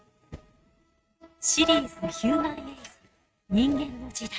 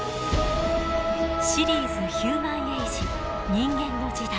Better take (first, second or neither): second